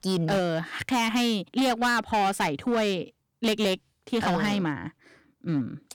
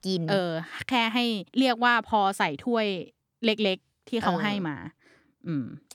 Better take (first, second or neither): second